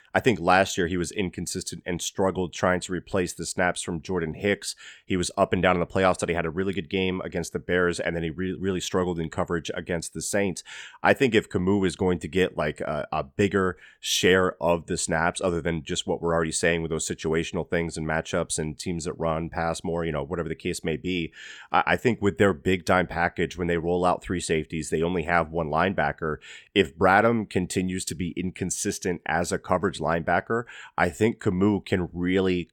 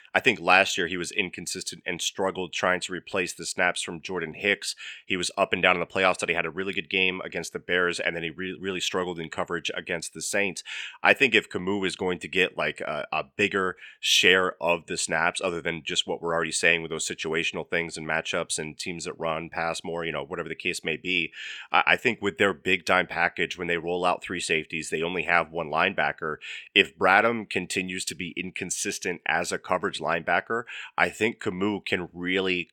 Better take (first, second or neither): first